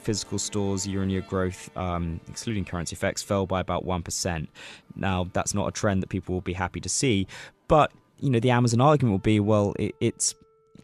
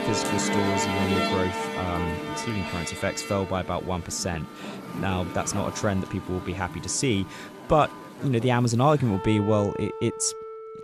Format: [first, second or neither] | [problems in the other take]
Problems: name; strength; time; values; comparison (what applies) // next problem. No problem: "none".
first | background music; loud; throughout; 6 dB below the speech; faint in the first